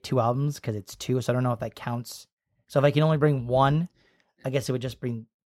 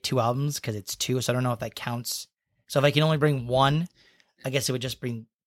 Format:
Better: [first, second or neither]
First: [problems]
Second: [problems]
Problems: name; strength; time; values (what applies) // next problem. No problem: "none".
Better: second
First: muffled; slightly; fading above 2 kHz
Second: none